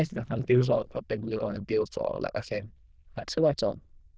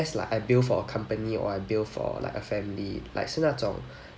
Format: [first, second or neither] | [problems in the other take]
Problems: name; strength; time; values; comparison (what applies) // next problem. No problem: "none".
second | noise reduction (neural diffusion model UNIVERSE++)